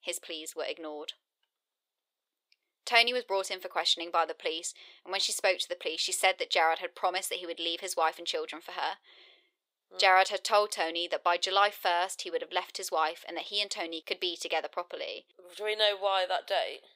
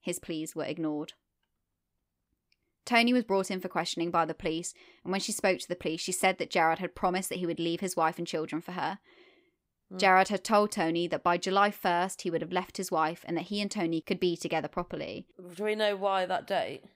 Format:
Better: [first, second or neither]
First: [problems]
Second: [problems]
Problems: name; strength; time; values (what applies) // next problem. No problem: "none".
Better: second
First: thin; very; fading below 450 Hz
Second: none